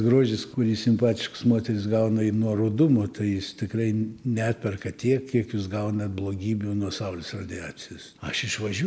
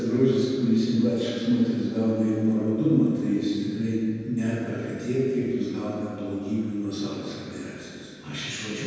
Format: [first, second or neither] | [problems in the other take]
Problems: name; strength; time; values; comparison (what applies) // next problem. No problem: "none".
first | room echo; dies away in 2 s